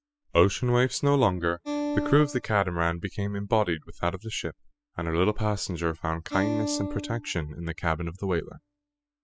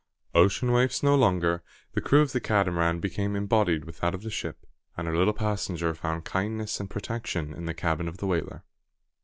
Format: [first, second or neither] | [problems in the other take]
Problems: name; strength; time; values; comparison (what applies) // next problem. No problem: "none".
second | noise reduction (classical method spectral subtraction)